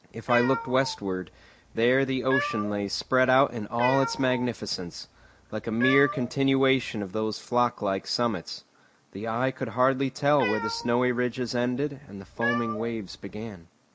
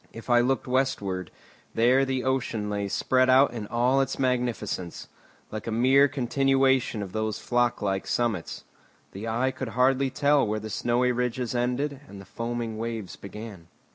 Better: second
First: background sound (Cat); 10 dB below the speech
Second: none

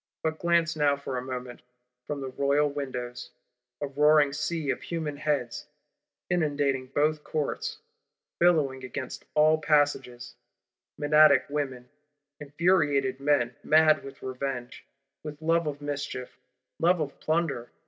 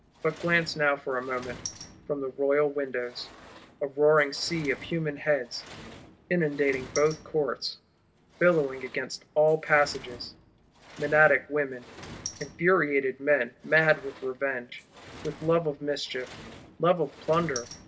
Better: first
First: none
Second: background sound (Sliding door); 19 dB below the speech

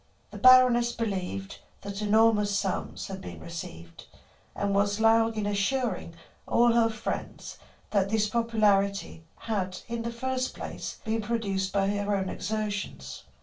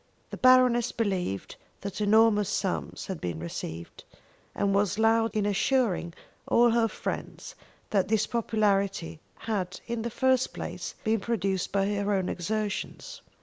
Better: second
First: room echo; dies away in 0.2 s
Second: none

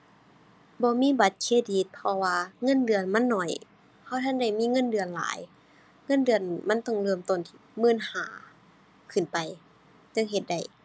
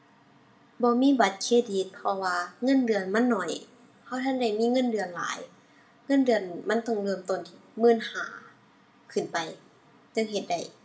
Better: first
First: none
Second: room echo; dies away in 0.4 s

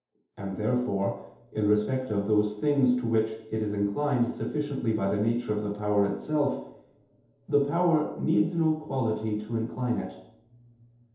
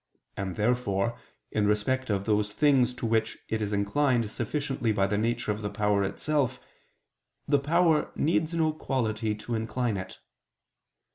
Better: second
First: room echo; dies away in 0.8 s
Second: none

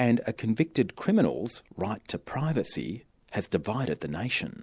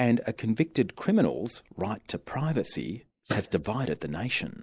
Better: first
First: none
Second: noise reduction (neural mask model Resemble Enhance denoiser)

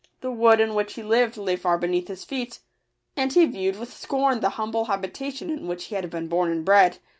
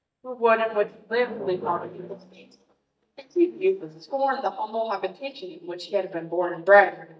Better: first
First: none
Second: noise reduction (neural mask model DeepFilterNet 3)

